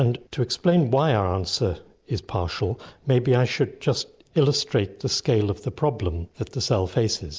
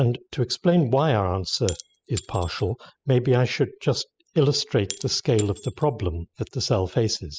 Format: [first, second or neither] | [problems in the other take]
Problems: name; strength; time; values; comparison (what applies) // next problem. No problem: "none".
first | noise reduction (classical method spectral subtraction)